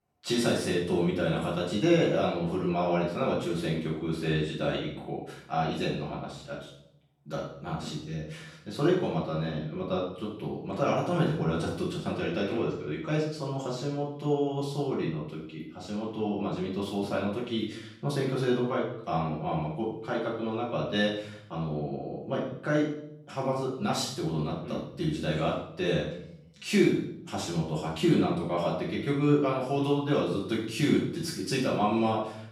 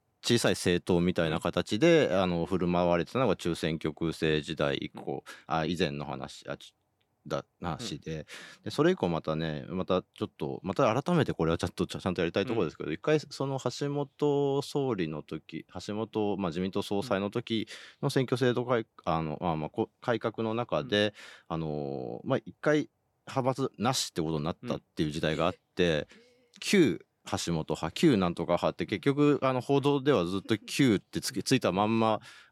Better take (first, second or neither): second